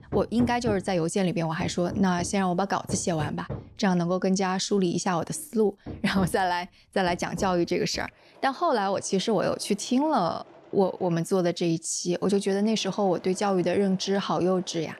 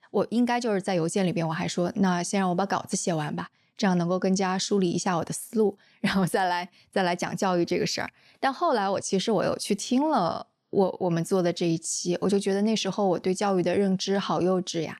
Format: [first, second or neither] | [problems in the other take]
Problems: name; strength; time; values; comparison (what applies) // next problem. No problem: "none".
second | machinery noise; noticeable; throughout; 15 dB below the speech